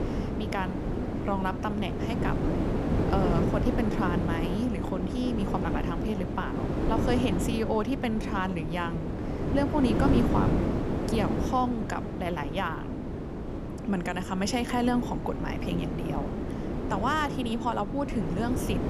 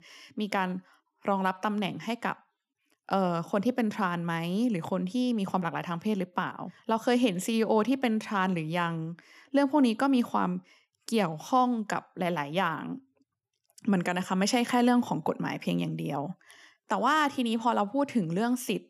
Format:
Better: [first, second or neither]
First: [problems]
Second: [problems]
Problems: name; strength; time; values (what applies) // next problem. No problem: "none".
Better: second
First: wind noise on the microphone; heavy; 3 dB below the speech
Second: none